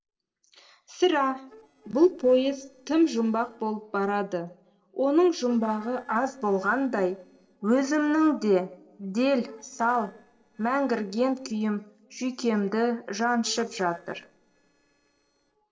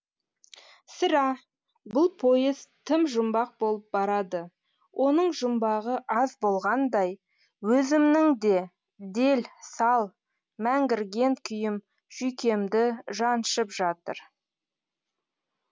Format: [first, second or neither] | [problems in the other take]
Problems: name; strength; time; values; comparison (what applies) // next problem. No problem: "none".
second | noise reduction (neural separator model SepFormer DNS4)